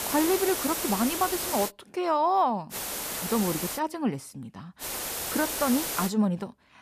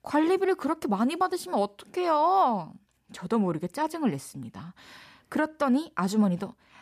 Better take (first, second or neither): second